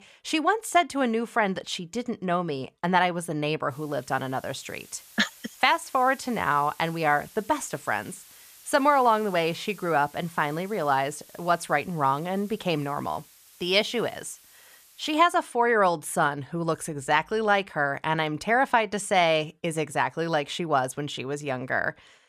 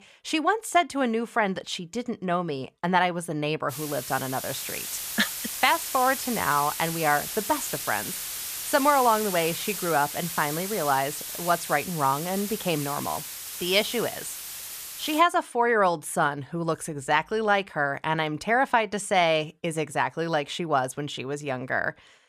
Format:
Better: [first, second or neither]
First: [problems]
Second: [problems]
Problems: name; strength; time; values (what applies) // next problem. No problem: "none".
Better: first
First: hiss; faint; from 3.5 to 15 s; 25 dB below the speech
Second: hiss; loud; from 3.5 to 15 s; 6 dB below the speech